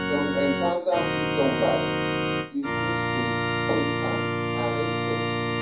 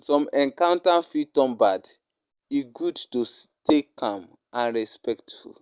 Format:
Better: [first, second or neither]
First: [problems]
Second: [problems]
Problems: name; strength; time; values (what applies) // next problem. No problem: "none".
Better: second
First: background sound (Organ); 3 dB above the speech // room echo; dies away in 0.7 s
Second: none